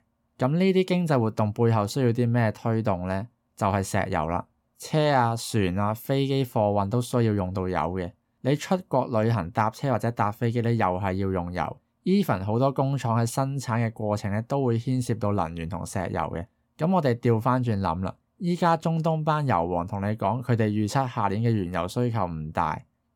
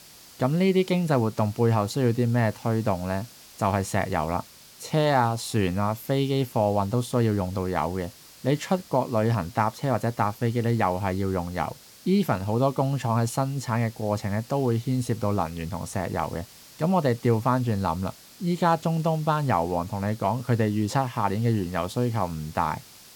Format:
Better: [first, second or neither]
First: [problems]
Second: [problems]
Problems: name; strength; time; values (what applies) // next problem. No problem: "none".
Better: first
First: none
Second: hiss; faint; throughout; 20 dB below the speech